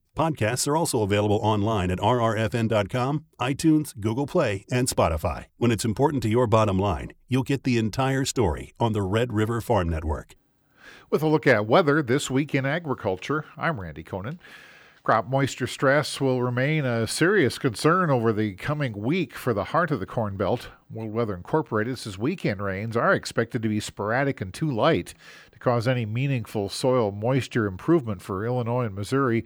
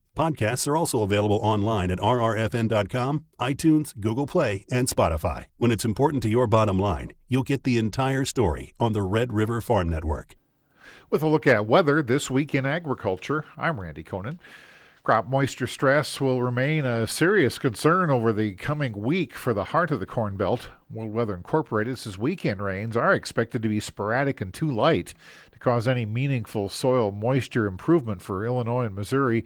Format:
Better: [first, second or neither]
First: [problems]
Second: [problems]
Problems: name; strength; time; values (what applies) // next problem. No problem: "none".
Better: first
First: none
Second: garbled, watery; slightly; nothing above 19 kHz